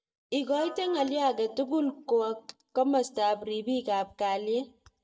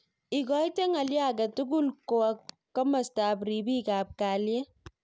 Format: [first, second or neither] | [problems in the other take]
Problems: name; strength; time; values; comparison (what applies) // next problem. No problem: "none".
second | noise reduction (neural mask model DeepFilterNet 3)